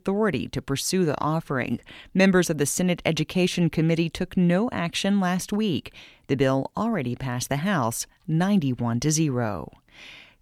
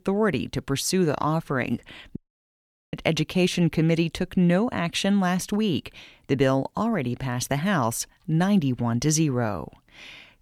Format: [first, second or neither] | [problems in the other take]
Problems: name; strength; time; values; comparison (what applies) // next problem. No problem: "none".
first | audio cutting out; at 2 s for 1 s